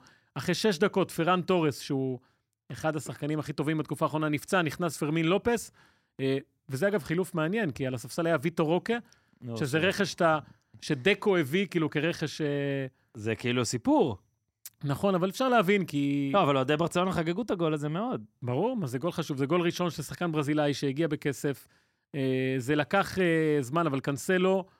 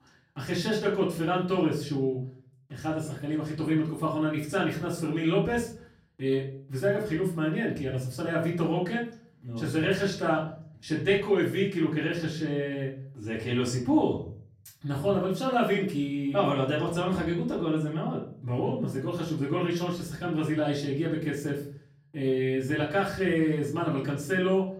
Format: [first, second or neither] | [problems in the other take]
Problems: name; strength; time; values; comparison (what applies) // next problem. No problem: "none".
first | off-mic speech; far // room echo; slight; dies away in 0.5 s